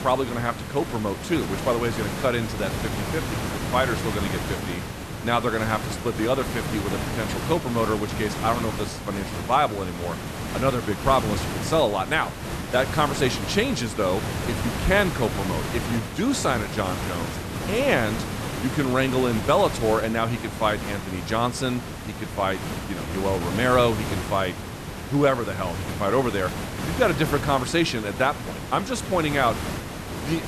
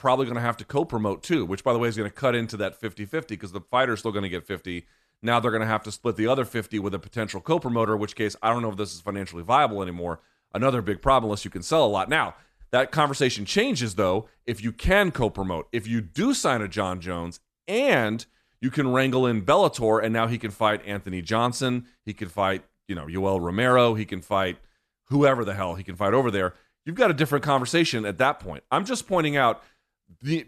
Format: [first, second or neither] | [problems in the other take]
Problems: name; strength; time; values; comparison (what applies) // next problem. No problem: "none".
second | hiss; loud; throughout; 5 dB below the speech